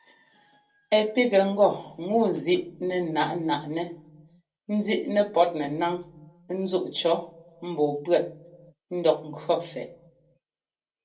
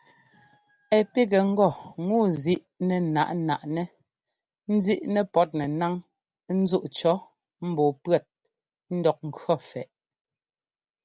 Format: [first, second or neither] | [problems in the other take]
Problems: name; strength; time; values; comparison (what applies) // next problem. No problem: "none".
second | room echo; dies away in 0.2 s